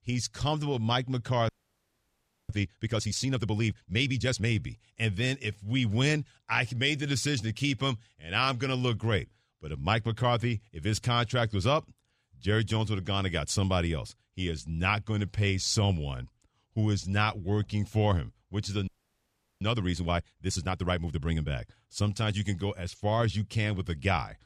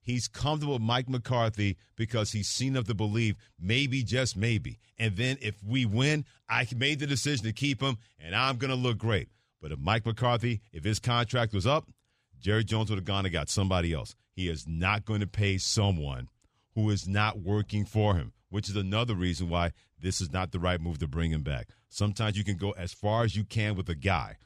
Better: second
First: audio freezing; at 1.5 s for 1 s and at 19 s for 0.5 s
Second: none

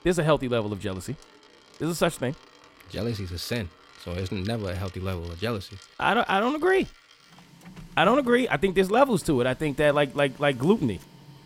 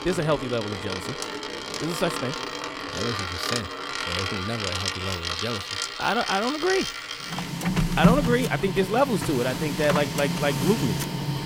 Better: first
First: household noises; faint; throughout; 25 dB below the speech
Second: household noises; loud; throughout; 1 dB below the speech

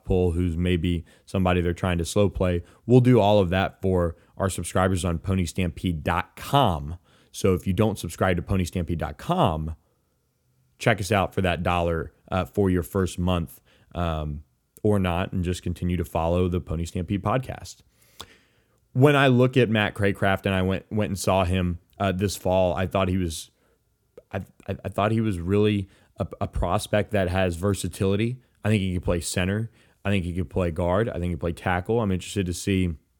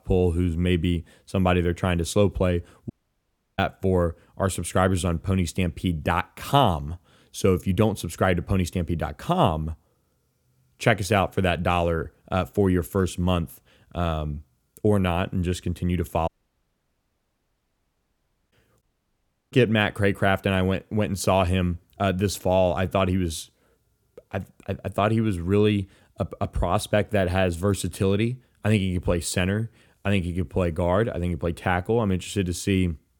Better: first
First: none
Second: audio cutting out; at 3 s for 0.5 s, at 16 s for 2 s and at 19 s for 0.5 s

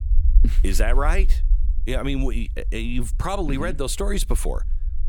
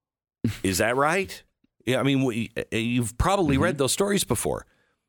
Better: second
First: low rumble; faint; throughout; 20 dB below the speech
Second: none

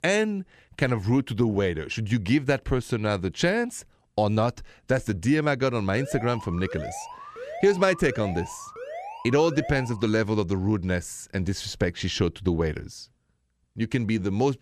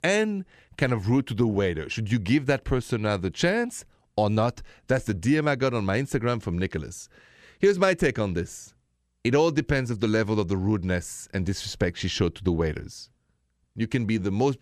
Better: second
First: alarm; faint; from 6 to 10 s; peak 10 dB below the speech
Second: none

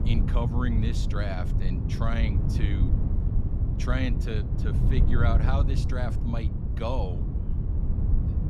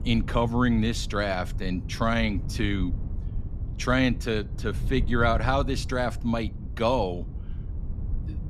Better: second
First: wind noise on the microphone; heavy; 5 dB below the speech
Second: wind noise on the microphone; occasional gusts; 20 dB below the speech

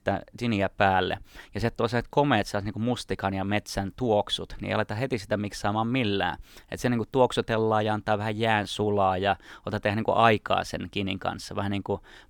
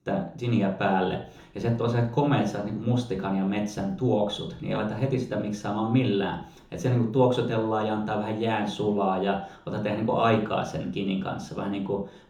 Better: first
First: none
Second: room echo; slight; dies away in 0.5 s // off-mic speech; somewhat distant

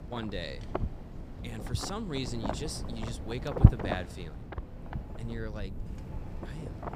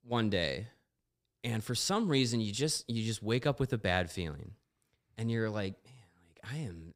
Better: second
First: wind noise on the microphone; heavy; 1 dB below the speech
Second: none

